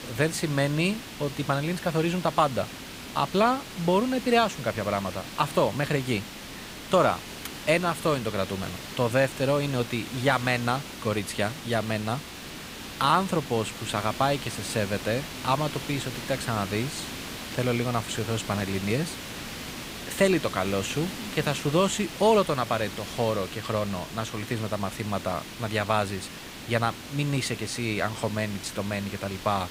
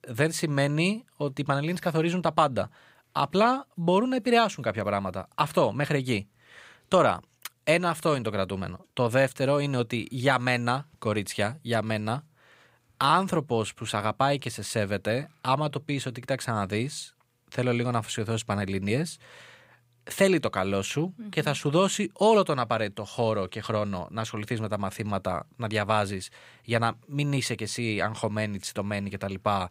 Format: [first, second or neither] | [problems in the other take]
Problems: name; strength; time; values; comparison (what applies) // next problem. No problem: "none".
second | hiss; noticeable; throughout; 10 dB below the speech